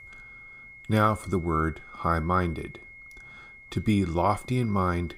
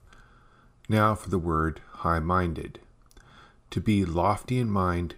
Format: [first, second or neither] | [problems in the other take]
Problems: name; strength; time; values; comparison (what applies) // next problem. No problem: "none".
second | high-pitched whine; noticeable; throughout; 2 kHz, 20 dB below the speech